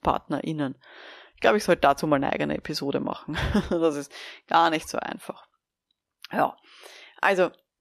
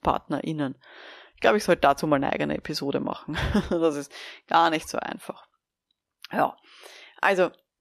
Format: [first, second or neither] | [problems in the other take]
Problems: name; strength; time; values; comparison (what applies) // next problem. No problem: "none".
neither | none